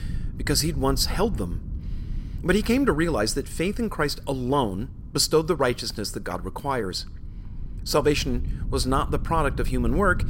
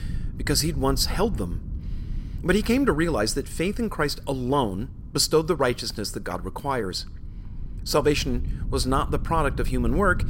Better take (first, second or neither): neither